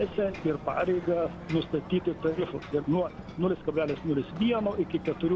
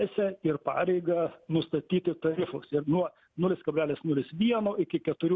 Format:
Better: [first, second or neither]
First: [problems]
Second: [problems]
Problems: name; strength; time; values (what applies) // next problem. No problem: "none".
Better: second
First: background sound (Ocean); 13 dB below the speech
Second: none